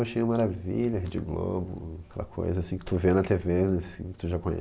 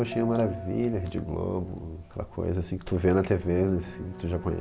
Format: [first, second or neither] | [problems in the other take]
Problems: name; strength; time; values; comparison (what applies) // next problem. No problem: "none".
first | background sound (Bell + Bowed string instrument); 15 dB below the speech